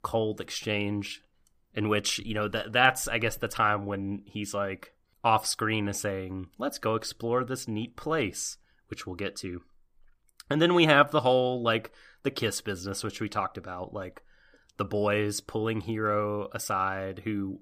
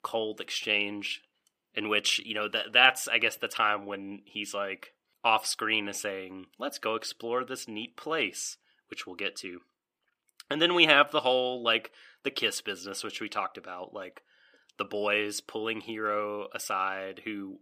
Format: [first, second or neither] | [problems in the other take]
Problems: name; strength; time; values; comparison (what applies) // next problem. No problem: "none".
first | thin; very slightly; fading below 300 Hz